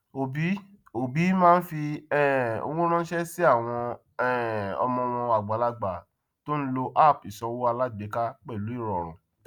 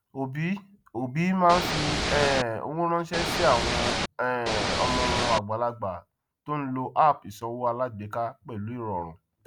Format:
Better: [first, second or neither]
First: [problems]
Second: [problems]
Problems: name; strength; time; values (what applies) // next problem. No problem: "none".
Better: first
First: none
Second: background sound (Ocean / Boat, Water vehicle); 1 dB above the speech